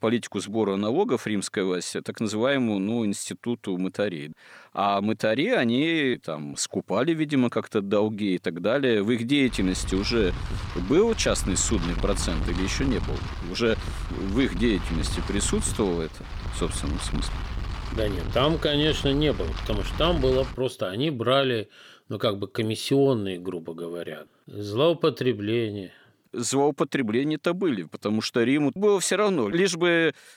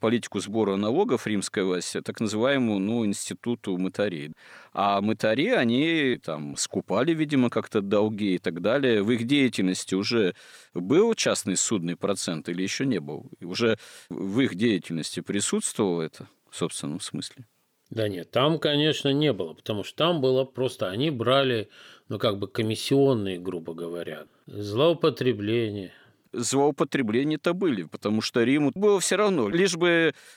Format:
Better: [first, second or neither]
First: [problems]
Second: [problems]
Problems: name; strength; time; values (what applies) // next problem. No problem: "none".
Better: second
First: wind noise on the microphone; occasional gusts; from 9.5 to 21 s; 10 dB below the speech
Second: none